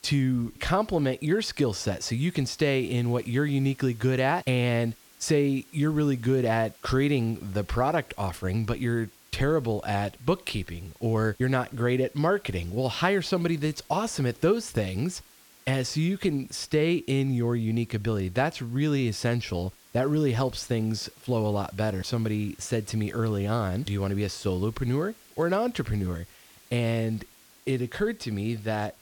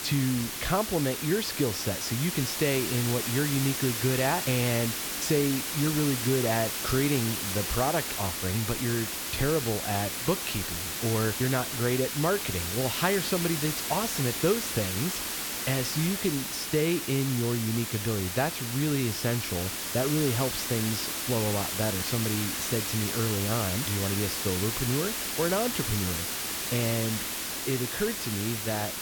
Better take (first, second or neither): first